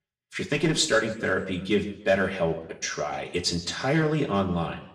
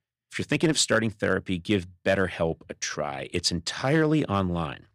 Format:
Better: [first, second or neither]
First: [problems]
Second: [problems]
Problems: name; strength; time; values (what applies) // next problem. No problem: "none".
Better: second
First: room echo; slight; dies away in 0.7 s // off-mic speech; somewhat distant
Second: none